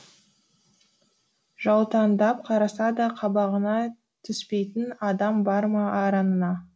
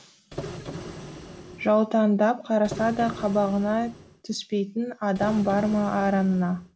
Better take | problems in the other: first | background sound (Printer); 13 dB below the speech

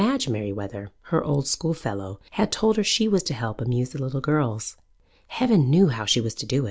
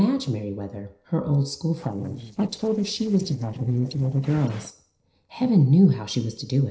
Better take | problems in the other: first | noise reduction (neural separator model SepFormer DNS4)

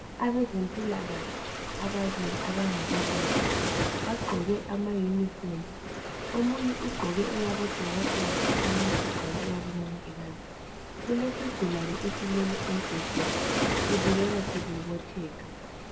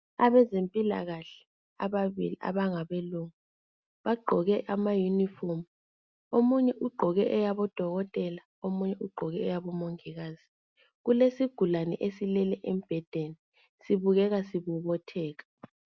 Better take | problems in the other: second | background sound (Waves, surf); as loud as the speech // room echo; dies away in 1.4 s

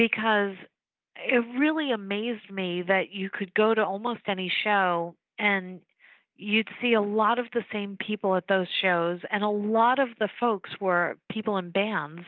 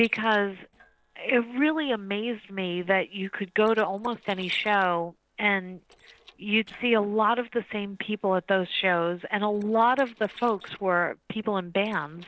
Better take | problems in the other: first | noise reduction (neural separator model SepFormer DNS4)

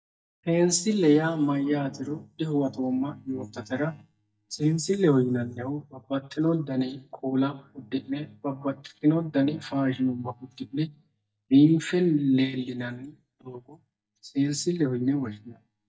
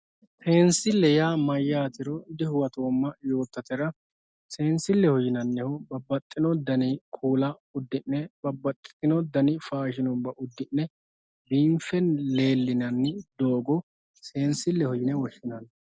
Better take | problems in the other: second | noise reduction (neural mask model DeepFilterNet 3)

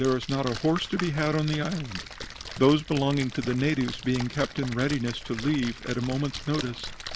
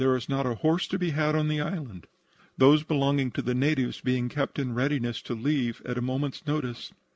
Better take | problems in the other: second | background sound (Splash, splatter); 11 dB below the speech

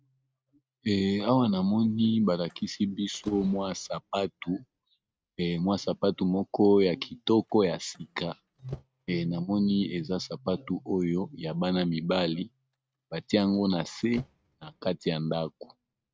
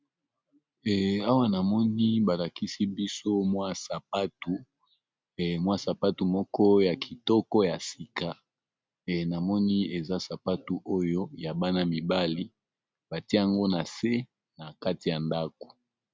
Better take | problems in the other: second | noise reduction (neural mask model RNNoise)

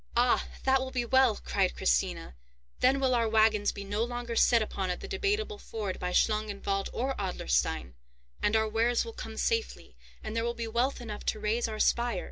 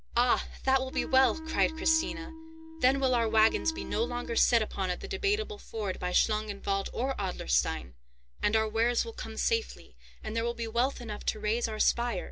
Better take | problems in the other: first | background sound (Wind instrument, woodwind instrument); 12 dB below the speech

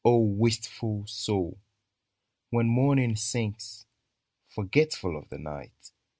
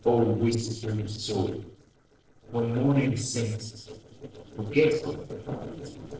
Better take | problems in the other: first | noise reduction (neural separator model SepFormer DNS4)

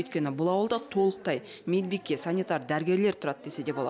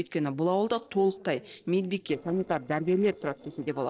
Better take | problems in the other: first | noise reduction (neural separator model SepFormer DNS4)

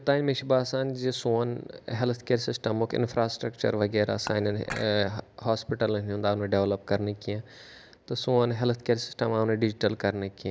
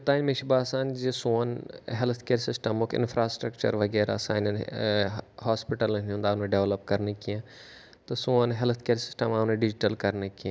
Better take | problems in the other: second | background sound (Dishes, pots, and pans / Chink, clink); 13 dB below the speech

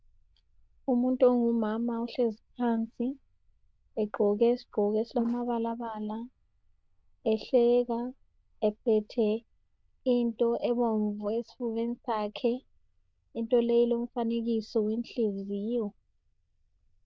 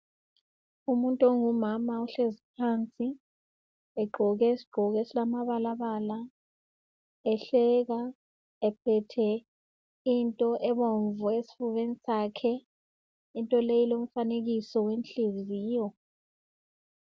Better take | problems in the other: second | noise reduction (neural diffusion model UNIVERSE++)

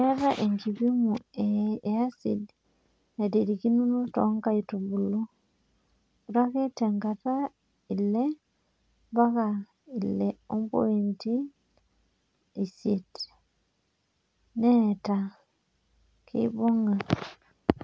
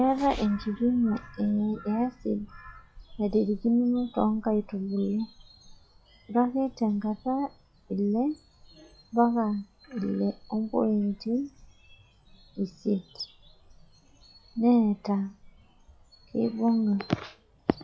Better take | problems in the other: first | noise reduction (classical method log-MMSE)

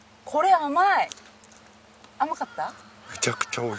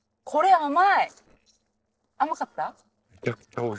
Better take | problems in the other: first | noise reduction (neural separator model SepFormer DNS4)

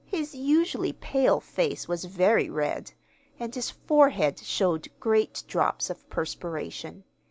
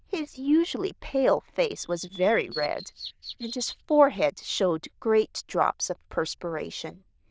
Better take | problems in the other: first | noise reduction (neural diffusion model UNIVERSE++)

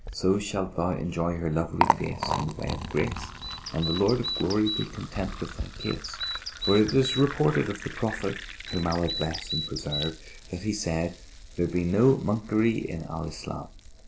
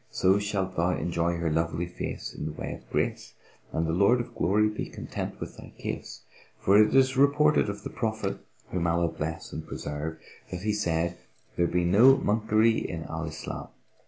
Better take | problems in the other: second | background sound (Liquid + Bird vocalization, bird call, bird song); 7 dB below the speech

